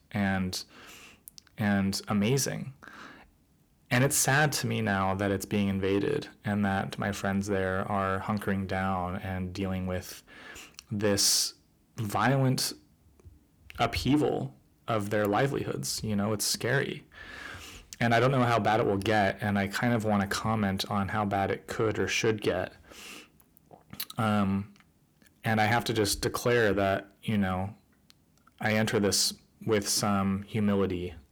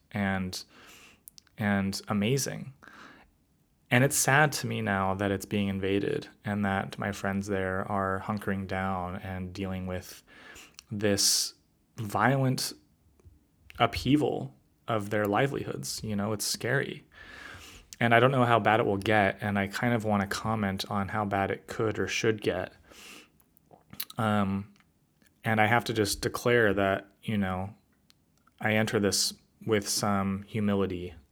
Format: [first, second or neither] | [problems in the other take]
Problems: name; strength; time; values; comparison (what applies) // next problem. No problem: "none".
second | distortion; slight; 10 dB below the speech